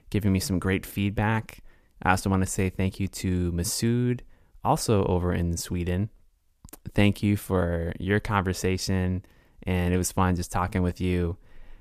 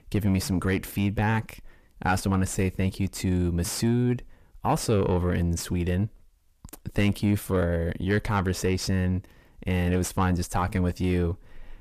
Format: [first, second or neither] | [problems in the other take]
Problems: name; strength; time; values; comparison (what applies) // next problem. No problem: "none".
first | distortion; slight; 10 dB below the speech